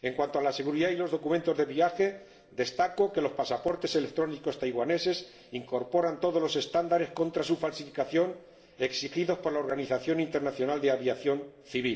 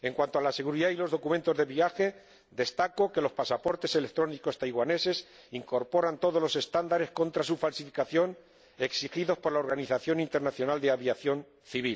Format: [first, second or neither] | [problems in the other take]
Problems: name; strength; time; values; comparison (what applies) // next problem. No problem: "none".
second | room echo; dies away in 2.5 s